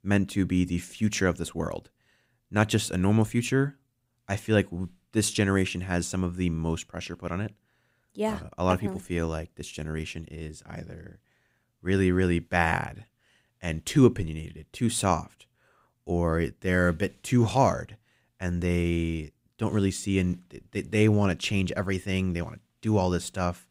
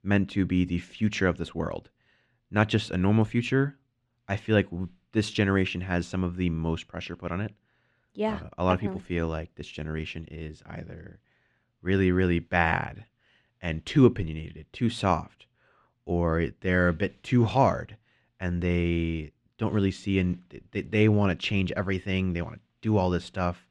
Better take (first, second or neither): first